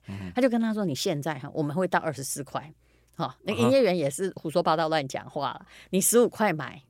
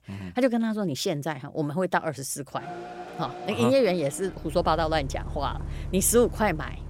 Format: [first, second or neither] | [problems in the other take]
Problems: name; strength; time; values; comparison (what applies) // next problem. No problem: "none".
first | traffic noise; noticeable; from 2.5 s on; 10 dB below the speech